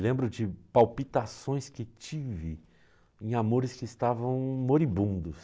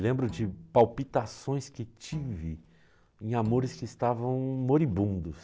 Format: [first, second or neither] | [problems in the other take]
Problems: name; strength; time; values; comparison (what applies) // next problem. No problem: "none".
first | background sound (Bowed string instrument); 19 dB below the speech